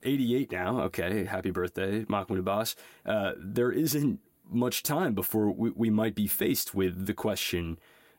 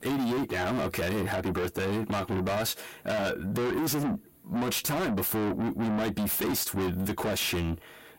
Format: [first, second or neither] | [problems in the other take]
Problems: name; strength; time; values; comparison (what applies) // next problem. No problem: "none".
first | distortion; heavy; 6 dB below the speech